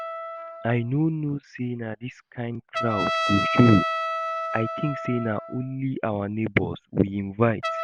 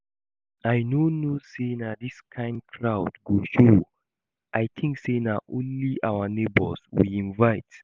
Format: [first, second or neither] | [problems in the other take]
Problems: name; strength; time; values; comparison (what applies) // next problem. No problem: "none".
second | background sound (Trumpet); 6 dB below the speech